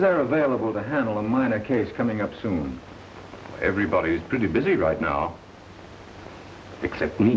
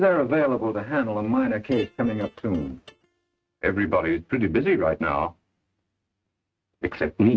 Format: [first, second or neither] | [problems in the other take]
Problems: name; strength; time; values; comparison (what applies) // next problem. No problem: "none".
first | noise reduction (neural mask model RNNoise)